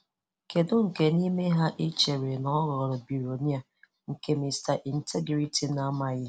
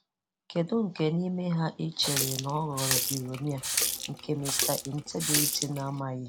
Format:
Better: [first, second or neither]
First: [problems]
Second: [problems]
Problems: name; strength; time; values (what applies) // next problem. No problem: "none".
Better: first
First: none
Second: background sound (Water tap, faucet); as loud as the speech